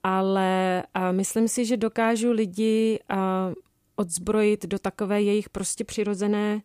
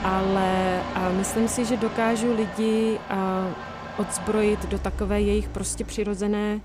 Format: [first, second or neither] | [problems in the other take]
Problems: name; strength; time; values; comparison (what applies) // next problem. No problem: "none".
first | traffic noise; loud; throughout; 8 dB below the speech